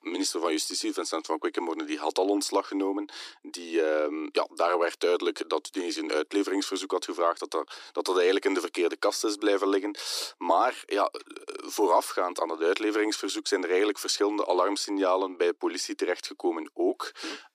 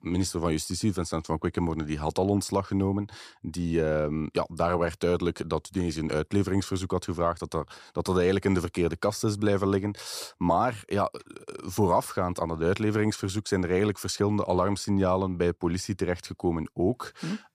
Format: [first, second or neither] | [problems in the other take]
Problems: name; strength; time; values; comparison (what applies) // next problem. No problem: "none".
second | thin; somewhat; fading below 300 Hz